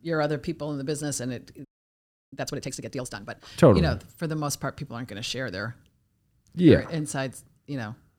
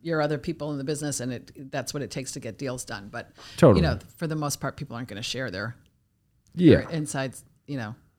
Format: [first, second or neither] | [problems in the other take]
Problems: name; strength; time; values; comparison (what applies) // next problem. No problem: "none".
second | audio freezing; at 1.5 s for 0.5 s